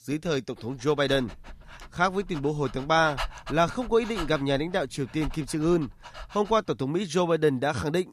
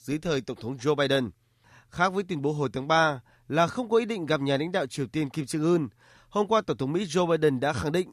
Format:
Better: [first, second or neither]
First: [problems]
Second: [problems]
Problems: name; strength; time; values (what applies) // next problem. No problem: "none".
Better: second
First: dog barking; noticeable; from 1 to 6.5 s; peak 8 dB below the speech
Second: none